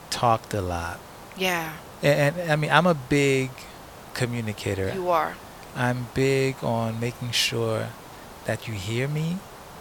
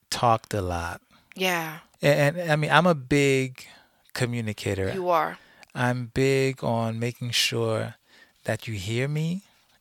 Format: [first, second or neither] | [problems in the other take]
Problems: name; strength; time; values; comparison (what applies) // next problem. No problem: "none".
second | hiss; noticeable; throughout; 20 dB below the speech